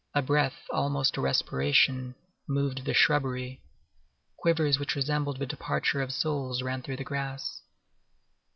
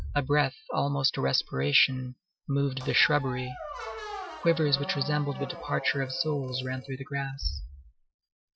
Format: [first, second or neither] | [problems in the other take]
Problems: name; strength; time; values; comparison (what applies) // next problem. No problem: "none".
first | noise reduction (classical method Wiener filter)